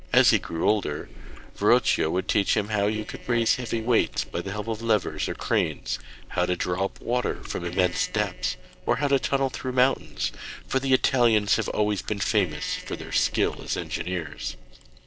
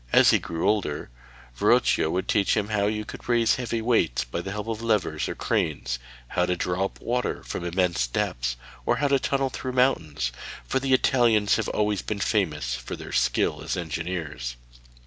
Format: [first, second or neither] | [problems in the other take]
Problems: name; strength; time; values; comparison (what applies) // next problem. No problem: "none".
second | noise reduction (neural separator model SepFormer DNS4)